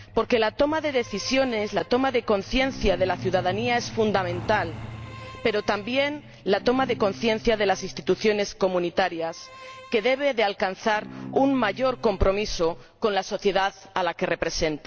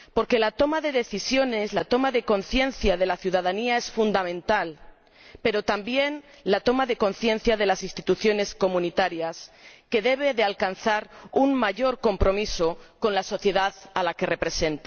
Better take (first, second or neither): second